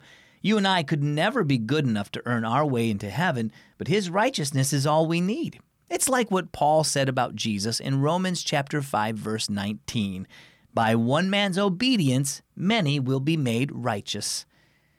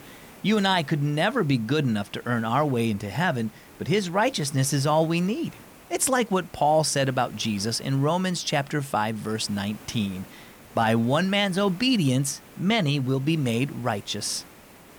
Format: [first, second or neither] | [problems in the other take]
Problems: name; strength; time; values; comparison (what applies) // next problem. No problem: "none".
first | hiss; faint; throughout; 25 dB below the speech